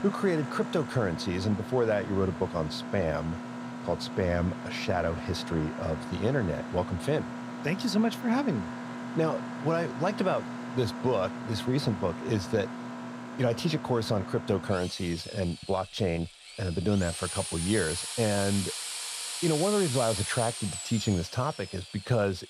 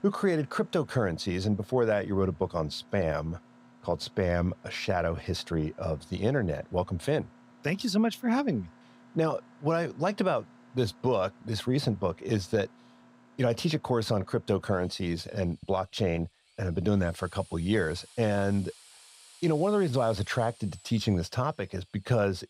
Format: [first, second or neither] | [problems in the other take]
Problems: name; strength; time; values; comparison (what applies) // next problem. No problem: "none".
second | machinery noise; loud; throughout; 7 dB below the speech; faint in the second